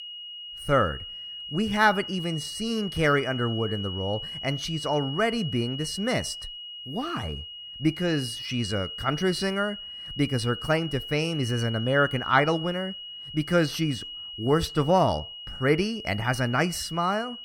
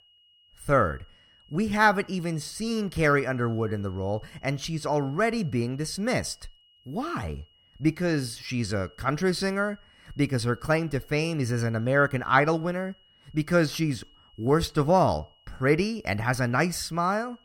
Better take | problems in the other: second | high-pitched whine; loud; throughout; 3 kHz, 9 dB below the speech; faint in the second

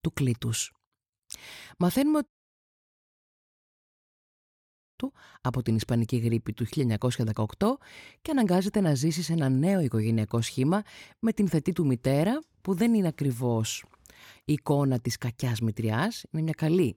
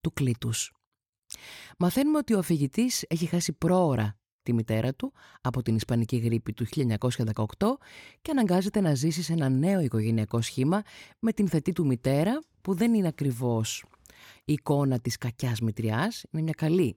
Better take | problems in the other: second | audio cutting out; at 2.5 s for 2.5 s

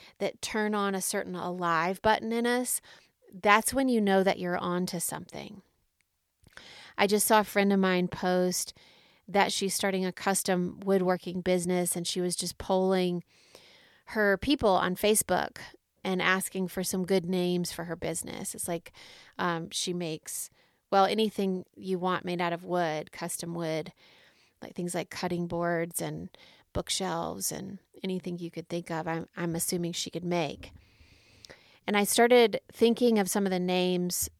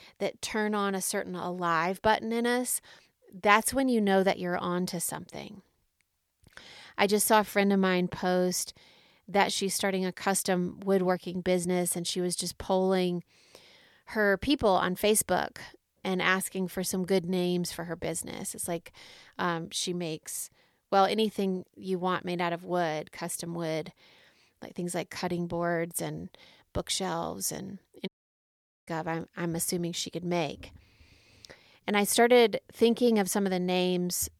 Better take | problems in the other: first | audio cutting out; at 28 s for 1 s

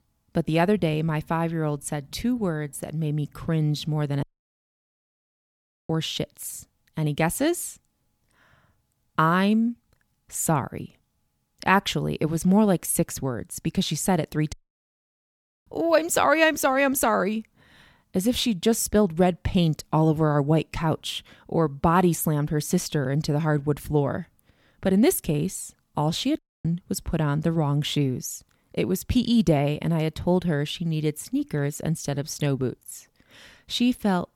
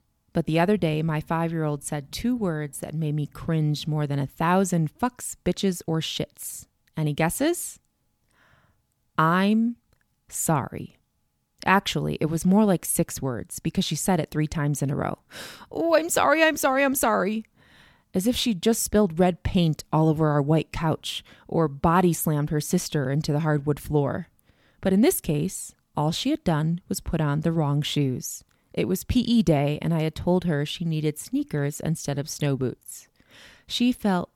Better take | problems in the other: second | audio cutting out; at 4 s for 1.5 s, at 15 s for 1 s and at 26 s

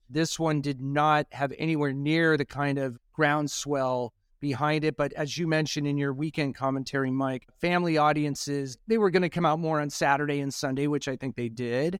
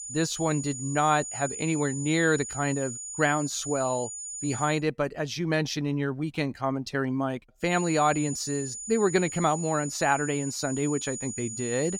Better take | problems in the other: first | high-pitched whine; loud; until 4.5 s and from 7.5 s on; 7 kHz, 7 dB below the speech

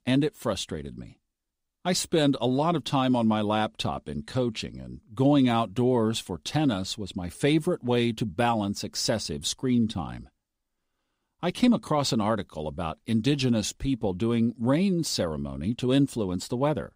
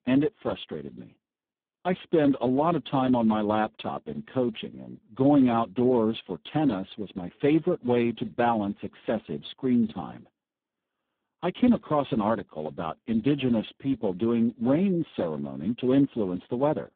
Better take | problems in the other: first | phone-call audio; poor line; nothing above 3.5 kHz

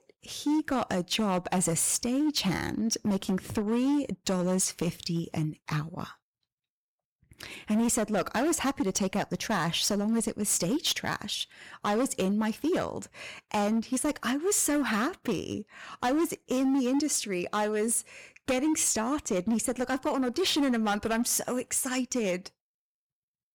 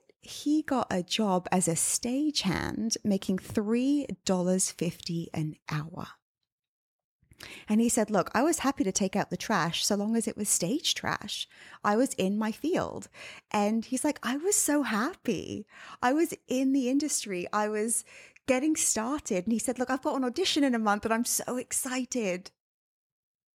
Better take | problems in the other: second | distortion; slight; 11% of the sound clipped

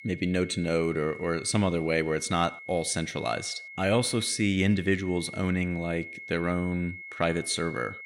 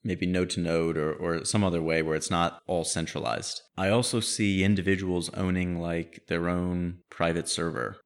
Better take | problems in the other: second | high-pitched whine; noticeable; throughout; 2 kHz, 15 dB below the speech

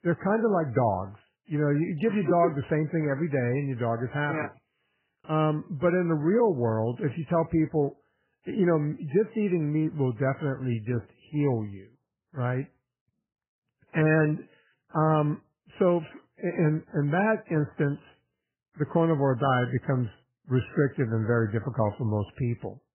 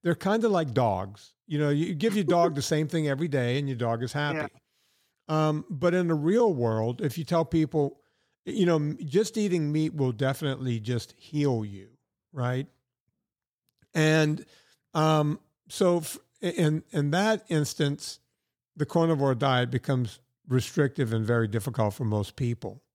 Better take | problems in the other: second | garbled, watery; badly; nothing above 2.5 kHz

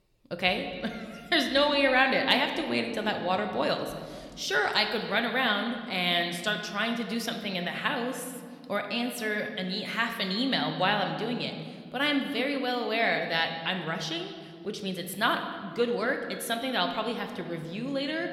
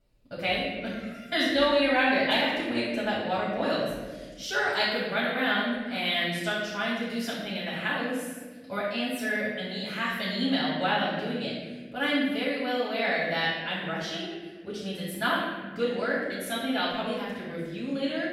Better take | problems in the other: first | room echo; strong; dies away in 1.4 s; slight in the first // off-mic speech; far

